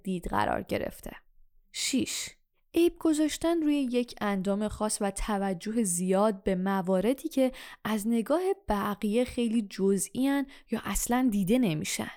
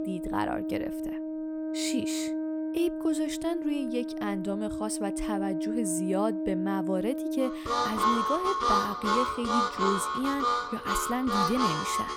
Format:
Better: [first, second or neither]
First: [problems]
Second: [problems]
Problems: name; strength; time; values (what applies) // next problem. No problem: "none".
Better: first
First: none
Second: background music; very loud; throughout; 2 dB above the speech